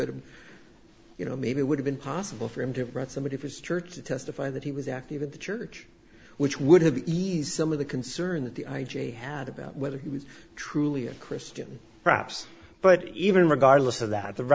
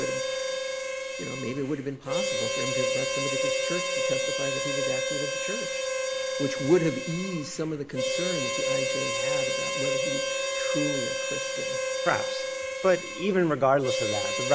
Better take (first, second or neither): first